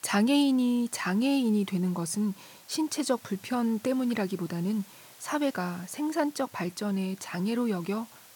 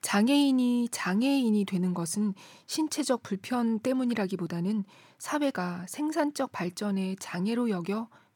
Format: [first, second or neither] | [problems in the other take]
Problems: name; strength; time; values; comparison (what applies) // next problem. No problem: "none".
second | hiss; faint; throughout; 20 dB below the speech